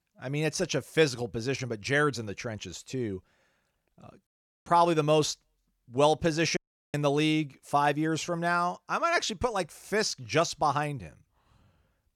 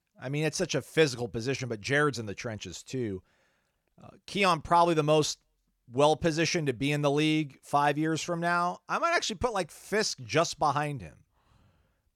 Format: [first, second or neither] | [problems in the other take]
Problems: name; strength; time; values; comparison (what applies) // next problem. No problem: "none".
second | audio cutting out; at 4.5 s and at 6.5 s